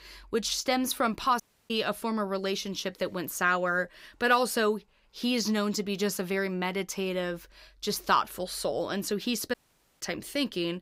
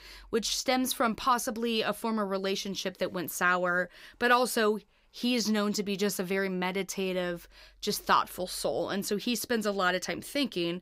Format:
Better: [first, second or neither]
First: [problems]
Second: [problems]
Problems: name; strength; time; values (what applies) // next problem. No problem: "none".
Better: second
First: audio cutting out; at 1.5 s and at 9.5 s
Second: none